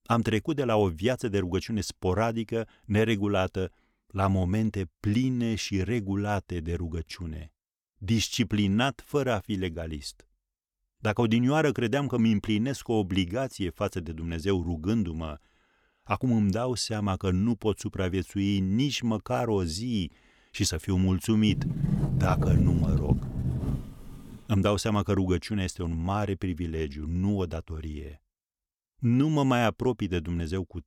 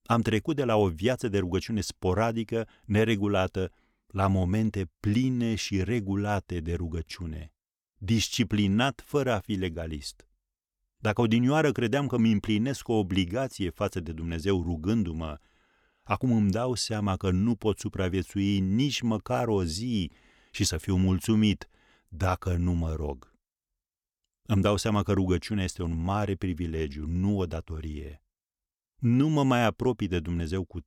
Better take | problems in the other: second | door banging; loud; from 21 to 24 s; peak 3 dB above the speech

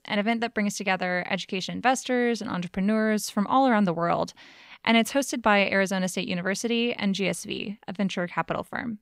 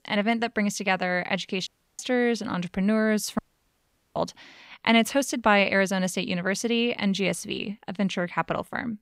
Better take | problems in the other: first | audio cutting out; at 1.5 s and at 3.5 s for 1 s

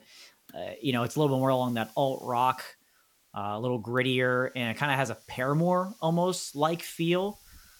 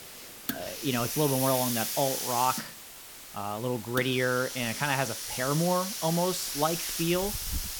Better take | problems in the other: first | hiss; loud; throughout; 3 dB below the speech; faint in the first

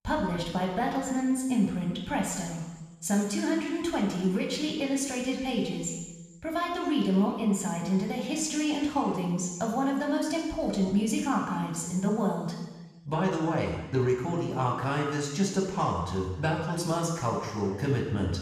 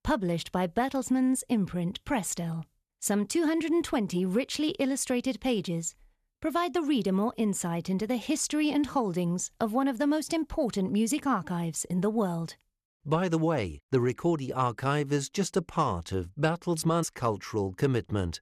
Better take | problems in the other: second | room echo; noticeable; dies away in 1.3 s // off-mic speech; somewhat distant

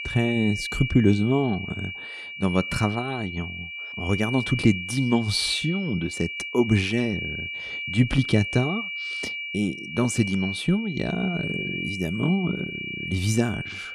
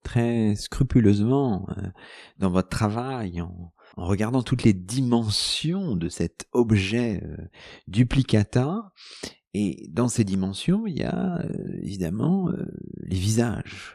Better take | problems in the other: second | high-pitched whine; loud; throughout; 2.5 kHz, 6 dB below the speech

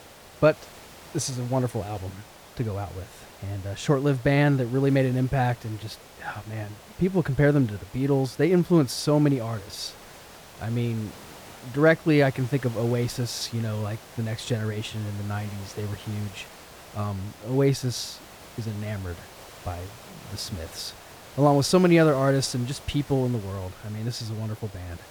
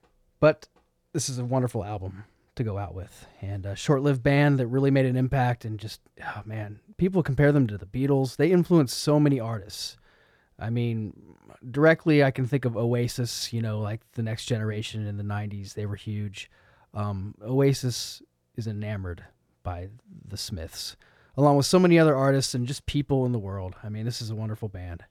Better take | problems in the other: second | hiss; noticeable; throughout; 20 dB below the speech

